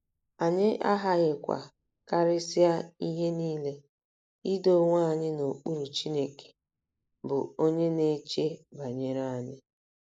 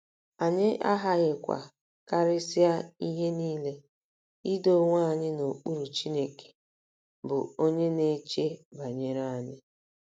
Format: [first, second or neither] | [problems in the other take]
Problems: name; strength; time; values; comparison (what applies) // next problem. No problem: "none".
second | noise reduction (neural mask model Resemble Enhance denoiser)